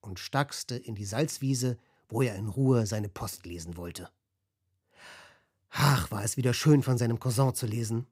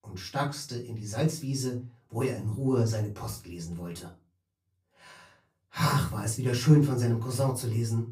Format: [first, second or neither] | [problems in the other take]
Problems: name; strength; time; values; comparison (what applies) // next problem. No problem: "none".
first | off-mic speech; far // room echo; very slight; dies away in 0.2 s